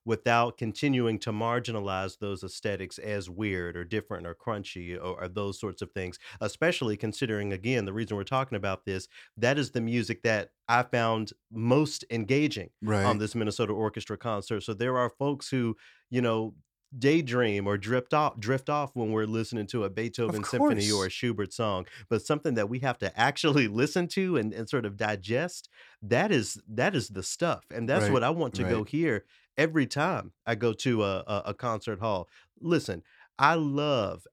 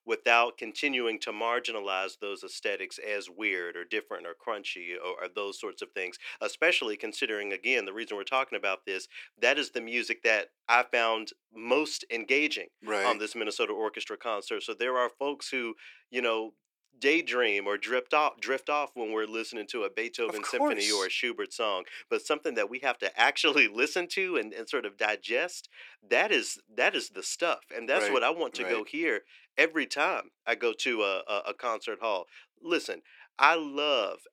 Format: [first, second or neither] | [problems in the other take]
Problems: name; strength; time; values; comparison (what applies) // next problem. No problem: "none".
first | thin; somewhat; fading below 350 Hz